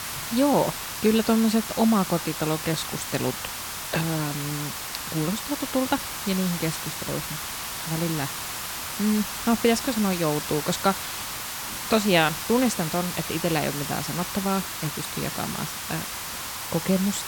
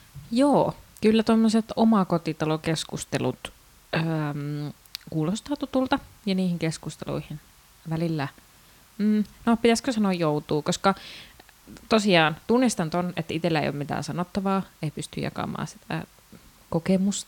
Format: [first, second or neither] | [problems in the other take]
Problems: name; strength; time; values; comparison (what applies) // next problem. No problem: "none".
second | hiss; loud; throughout; 4 dB below the speech; faint in the second